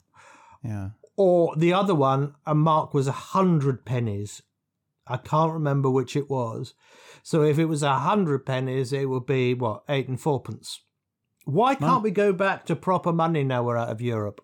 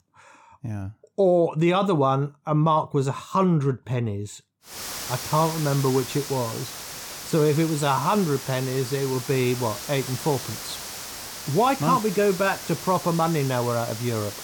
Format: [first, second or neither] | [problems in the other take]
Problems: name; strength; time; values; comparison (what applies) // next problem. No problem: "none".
first | hiss; loud; from 4.5 s on; 10 dB below the speech